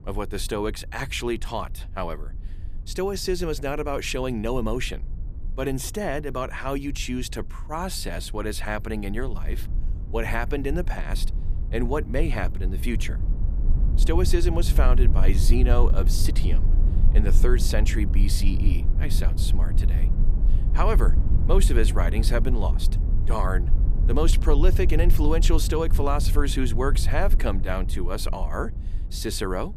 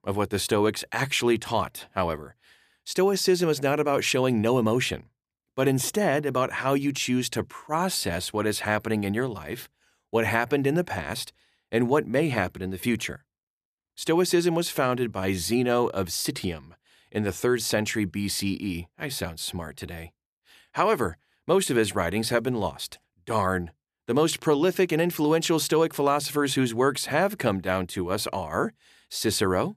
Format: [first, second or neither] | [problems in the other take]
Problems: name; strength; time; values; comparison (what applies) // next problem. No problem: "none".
second | low rumble; noticeable; throughout; 15 dB below the speech